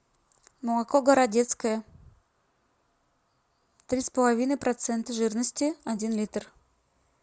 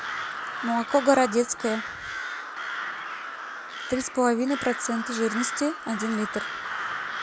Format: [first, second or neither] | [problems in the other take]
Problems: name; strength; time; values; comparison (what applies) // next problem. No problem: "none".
first | background sound (Crow); 6 dB below the speech